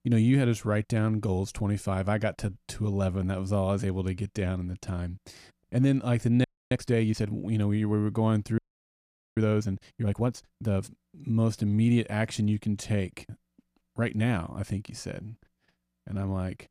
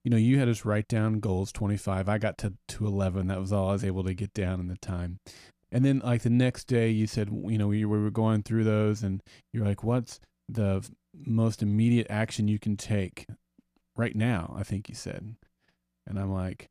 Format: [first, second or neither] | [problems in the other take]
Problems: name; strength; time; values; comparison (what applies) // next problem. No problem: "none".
second | audio freezing; at 6.5 s and at 8.5 s for 1 s